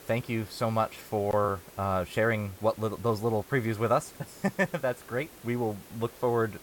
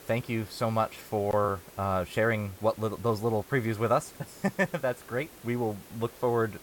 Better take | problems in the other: neither | hiss; noticeable; throughout; 20 dB below the speech; the same in both

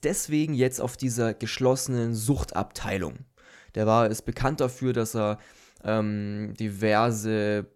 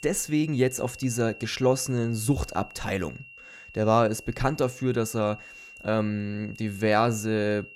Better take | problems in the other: first | high-pitched whine; noticeable; throughout; 2.5 kHz, 20 dB below the speech

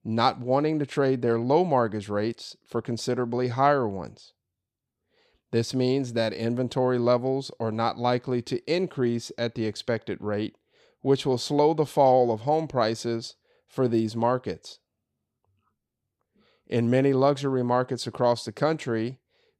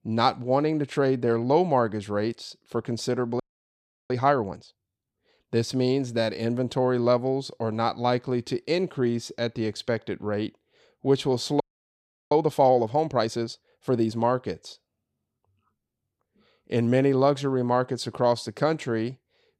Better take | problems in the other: first | audio freezing; at 3.5 s for 0.5 s and at 12 s for 0.5 s

